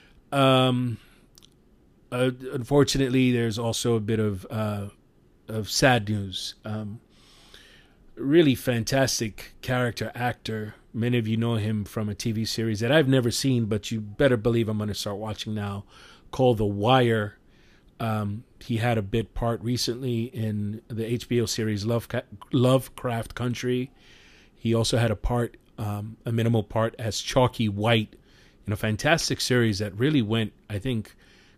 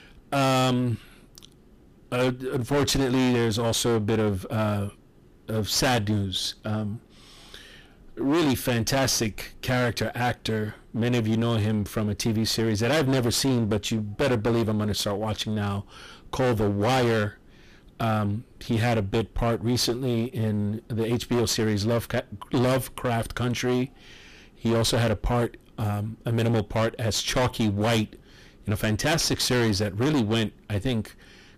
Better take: first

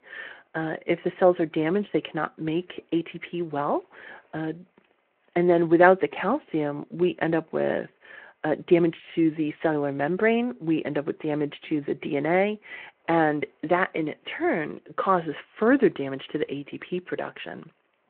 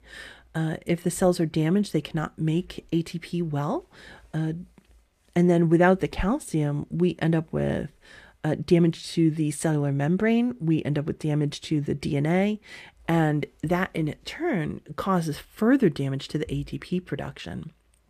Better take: second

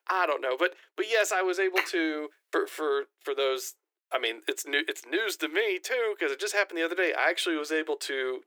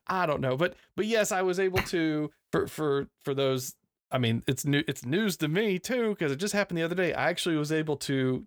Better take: second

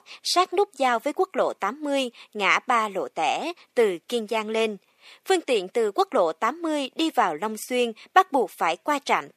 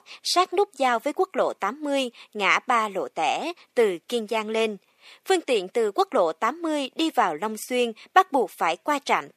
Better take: neither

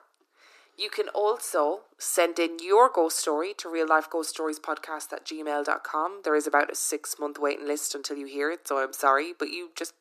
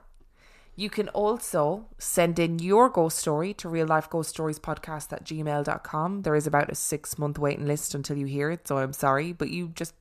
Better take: second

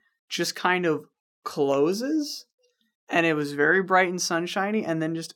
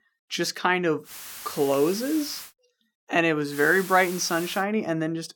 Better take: first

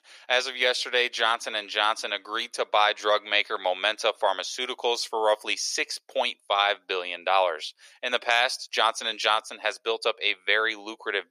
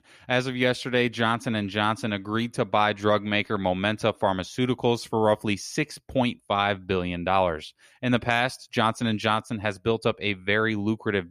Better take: second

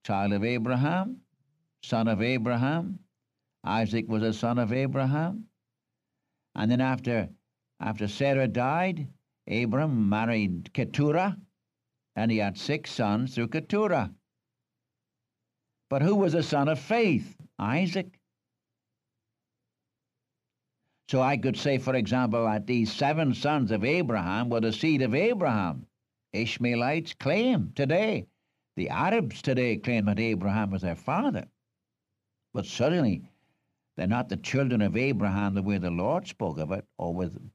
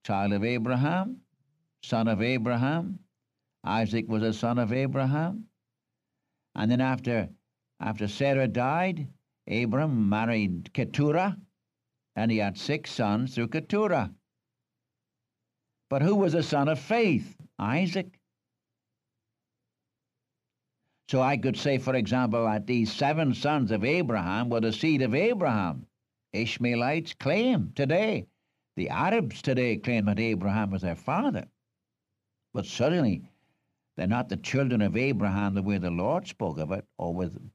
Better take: neither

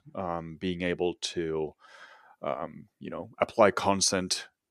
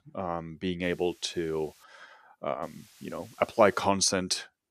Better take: first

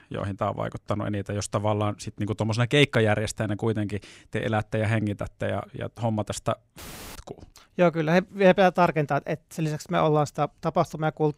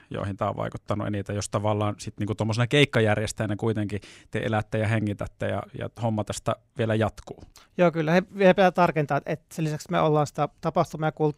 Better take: second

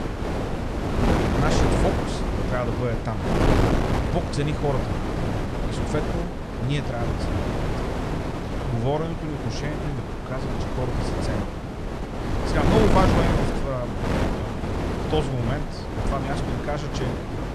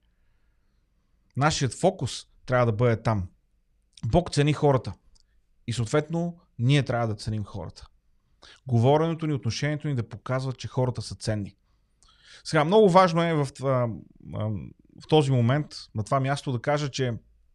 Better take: second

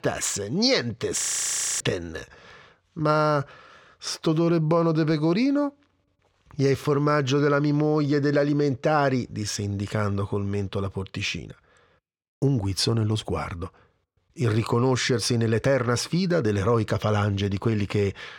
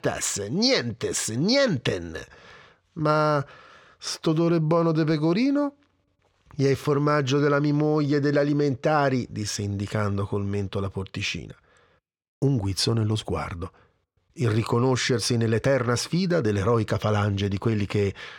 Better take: second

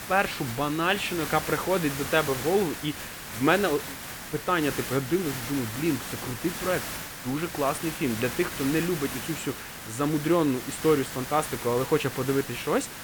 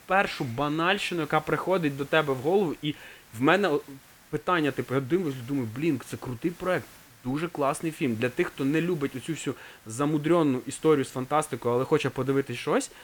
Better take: second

